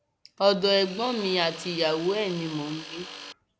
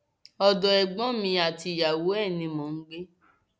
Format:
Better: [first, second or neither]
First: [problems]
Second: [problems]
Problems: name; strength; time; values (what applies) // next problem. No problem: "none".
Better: second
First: background sound (Tools); 14 dB below the speech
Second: none